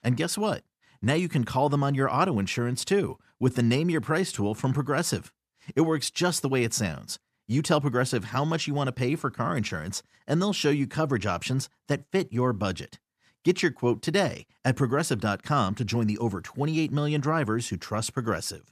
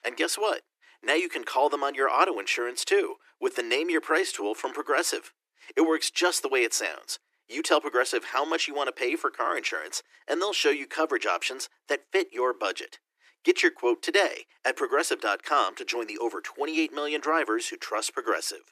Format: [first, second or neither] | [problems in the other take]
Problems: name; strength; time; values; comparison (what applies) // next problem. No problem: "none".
first | thin; very; fading below 300 Hz